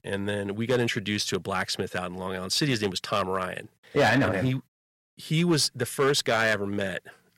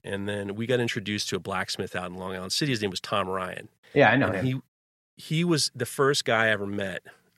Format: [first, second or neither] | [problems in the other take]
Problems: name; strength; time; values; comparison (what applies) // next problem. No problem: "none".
second | distortion; slight; 3% of the sound clipped